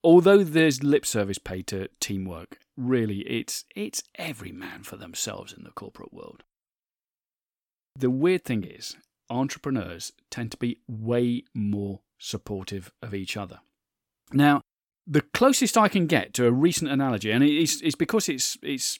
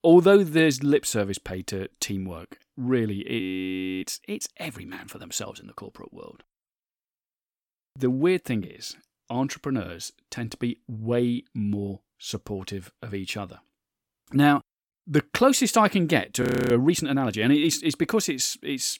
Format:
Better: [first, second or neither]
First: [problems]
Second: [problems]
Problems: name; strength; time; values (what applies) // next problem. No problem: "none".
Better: first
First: none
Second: audio freezing; at 3.5 s for 0.5 s and at 16 s